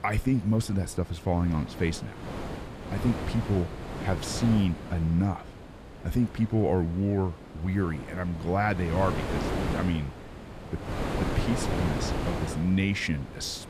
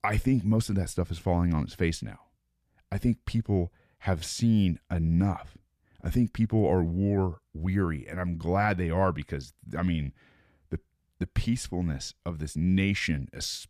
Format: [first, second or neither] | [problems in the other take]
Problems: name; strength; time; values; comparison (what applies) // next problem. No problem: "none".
second | wind noise on the microphone; heavy; 5 dB below the speech